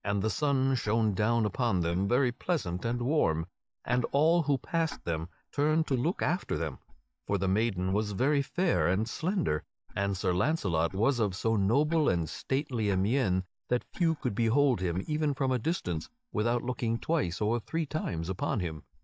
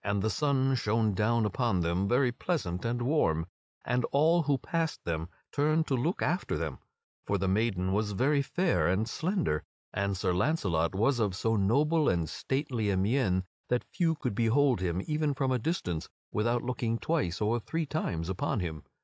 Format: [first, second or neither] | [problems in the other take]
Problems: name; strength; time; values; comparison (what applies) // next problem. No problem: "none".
second | noise reduction (neural mask model DeepFilterNet 3)